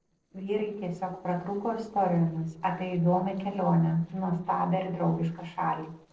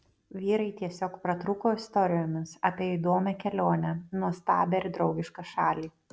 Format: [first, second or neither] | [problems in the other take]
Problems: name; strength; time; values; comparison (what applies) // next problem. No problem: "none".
second | noise reduction (neural separator model SepFormer DNS4)